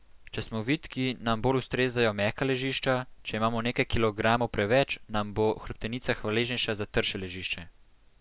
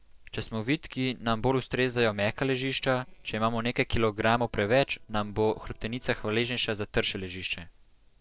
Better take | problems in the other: first | noise reduction (neural separator model SepFormer DNS4)

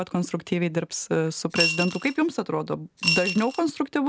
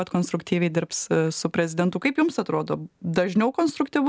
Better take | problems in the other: second | background sound (Coin (dropping) / Glass); 3 dB below the speech

